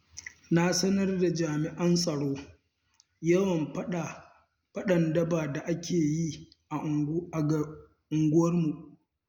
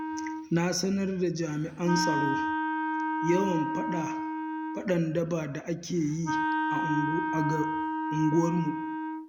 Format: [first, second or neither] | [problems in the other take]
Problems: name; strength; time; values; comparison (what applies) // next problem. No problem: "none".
first | background sound (Wind instrument, woodwind instrument); 1 dB below the speech